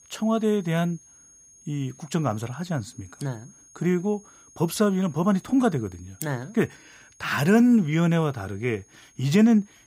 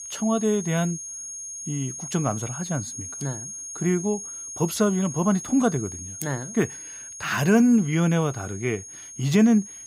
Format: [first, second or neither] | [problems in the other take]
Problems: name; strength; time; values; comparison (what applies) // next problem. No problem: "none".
first | high-pitched whine; loud; throughout; 6.5 kHz, 10 dB below the speech; faint in the first